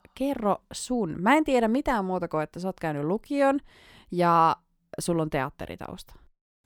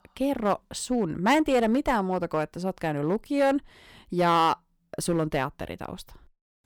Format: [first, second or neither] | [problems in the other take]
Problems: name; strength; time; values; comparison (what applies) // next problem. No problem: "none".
first | distortion; slight; 3% of the sound clipped